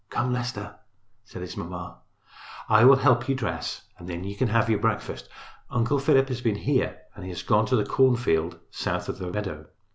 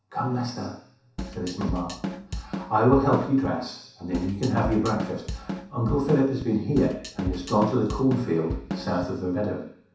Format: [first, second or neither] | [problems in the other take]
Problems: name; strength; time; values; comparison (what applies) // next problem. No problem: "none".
first | background sound (Drum kit); 7 dB below the speech // room echo; dies away in 0.7 s